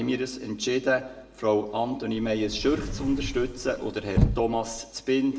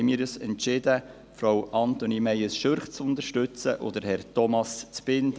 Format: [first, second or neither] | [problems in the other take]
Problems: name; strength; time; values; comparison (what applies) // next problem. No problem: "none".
second | background sound (Sliding door / Slam / Wood); 3 dB below the speech // room echo; dies away in 0.6 s